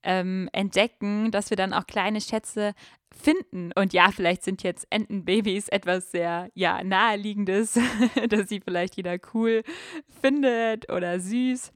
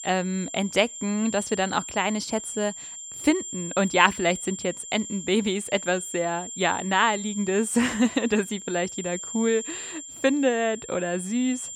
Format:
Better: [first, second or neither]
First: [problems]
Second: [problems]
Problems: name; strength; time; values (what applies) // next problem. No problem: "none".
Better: first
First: none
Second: high-pitched whine; loud; throughout; 7.5 kHz, 10 dB below the speech